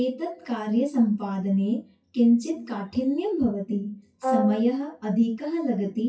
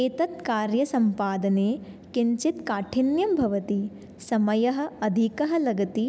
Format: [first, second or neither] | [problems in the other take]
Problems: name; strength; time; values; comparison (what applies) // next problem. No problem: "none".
second | noise reduction (classical method WPE with log-MMSE)